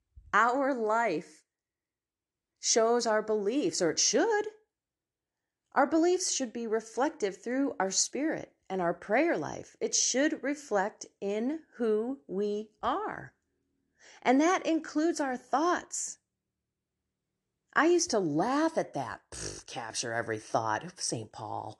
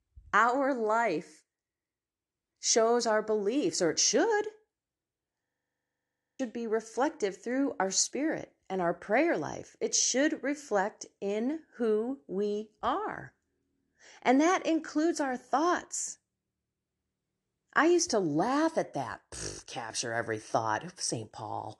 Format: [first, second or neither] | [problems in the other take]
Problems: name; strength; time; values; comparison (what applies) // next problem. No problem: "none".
first | audio freezing; at 5.5 s for 1 s